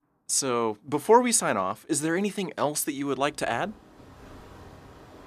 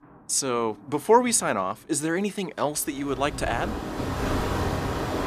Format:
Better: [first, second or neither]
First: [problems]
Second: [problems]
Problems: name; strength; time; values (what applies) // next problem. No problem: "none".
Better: first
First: rain or running water; faint; throughout; 25 dB below the speech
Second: rain or running water; loud; throughout; 5 dB below the speech